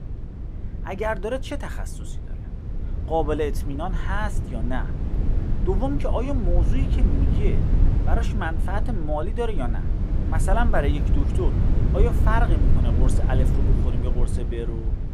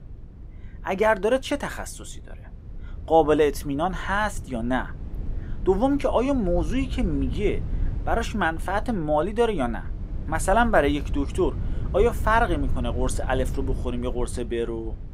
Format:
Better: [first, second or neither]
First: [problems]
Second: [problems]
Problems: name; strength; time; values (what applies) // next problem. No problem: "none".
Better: second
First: low rumble; loud; throughout; 8 dB below the speech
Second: low rumble; faint; throughout; 20 dB below the speech